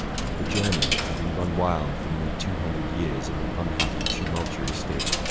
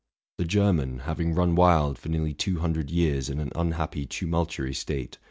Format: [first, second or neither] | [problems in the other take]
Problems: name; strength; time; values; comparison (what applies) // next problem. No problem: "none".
second | background sound (Coin (dropping)); 2 dB above the speech